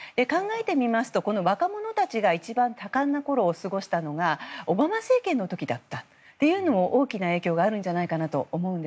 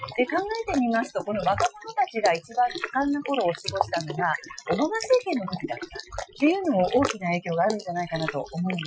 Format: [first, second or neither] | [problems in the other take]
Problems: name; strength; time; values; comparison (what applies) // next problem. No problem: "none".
first | noise reduction (classical method Wiener filter)